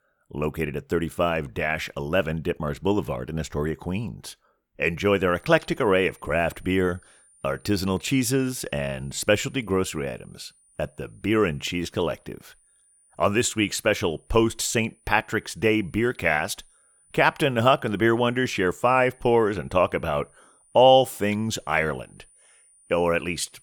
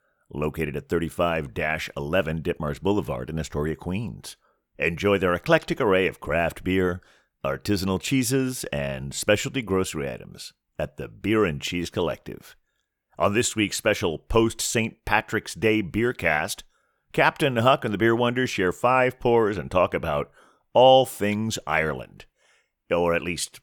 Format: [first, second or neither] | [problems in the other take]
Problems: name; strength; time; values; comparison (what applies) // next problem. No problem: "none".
second | high-pitched whine; faint; from 5.5 s on; 9.5 kHz, 30 dB below the speech